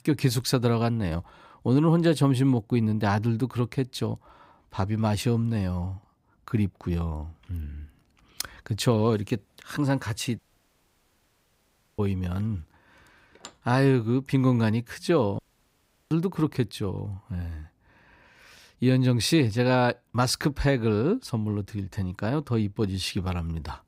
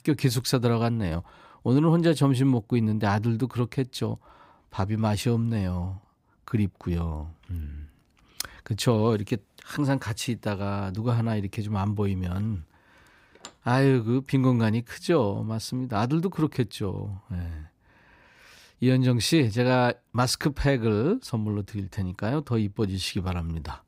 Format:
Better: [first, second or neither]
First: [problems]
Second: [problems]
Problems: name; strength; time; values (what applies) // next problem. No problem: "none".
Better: second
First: audio cutting out; at 10 s for 1.5 s and at 15 s for 0.5 s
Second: none